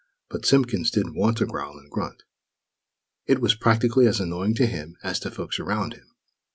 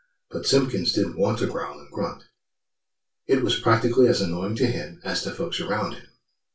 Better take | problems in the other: first | room echo; dies away in 0.2 s

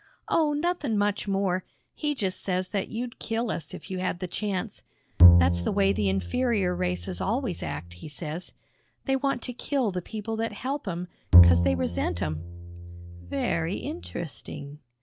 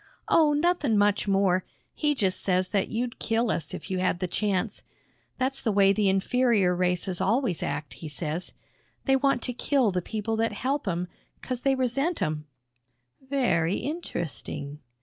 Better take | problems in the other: second | background sound (Bowed string instrument); 4 dB above the speech

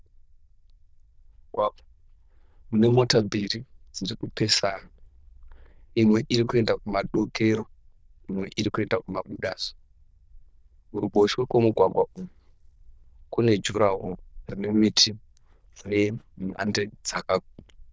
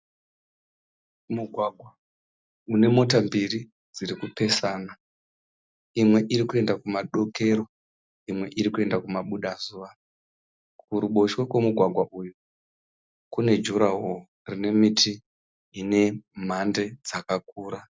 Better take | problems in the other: second | noise reduction (neural diffusion model UNIVERSE++)

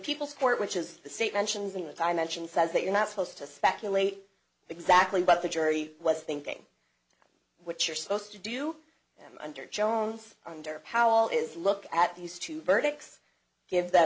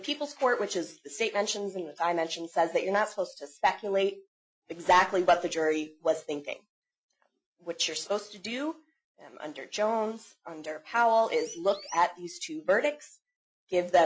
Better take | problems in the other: first | noise reduction (classical method Wiener filter)

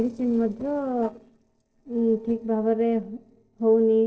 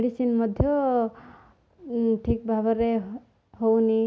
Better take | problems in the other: second | noise reduction (neural separator model SepFormer DNS4)

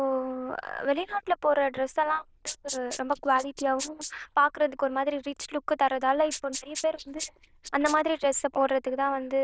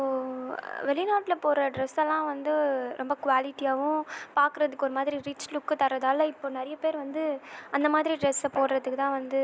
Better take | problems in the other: second | noise reduction (neural diffusion model UNIVERSE++)

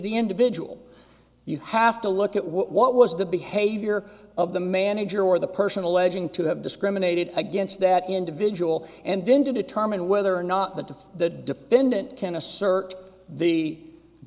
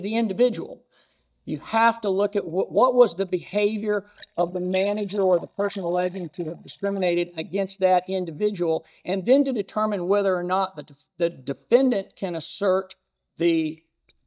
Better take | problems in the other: first | noise reduction (neural mask model DeepFilterNet 3)

